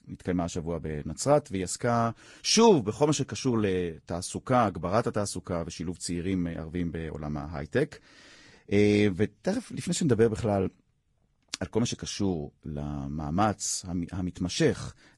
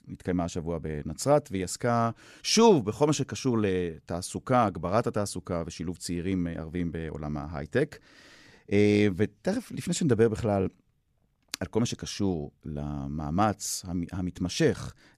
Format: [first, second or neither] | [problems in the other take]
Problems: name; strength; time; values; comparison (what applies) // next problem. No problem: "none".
second | garbled, watery; slightly; nothing above 10.5 kHz